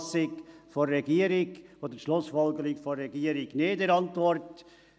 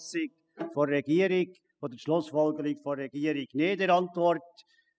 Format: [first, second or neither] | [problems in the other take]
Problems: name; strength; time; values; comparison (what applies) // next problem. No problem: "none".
first | noise reduction (classical method spectral subtraction)